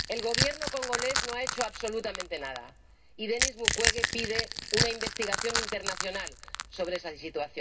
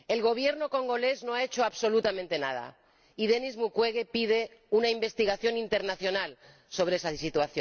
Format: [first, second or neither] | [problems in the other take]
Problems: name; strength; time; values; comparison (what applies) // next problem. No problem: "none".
second | background sound (Crack / Crushing); 2 dB above the speech // room echo; dies away in 0.2 s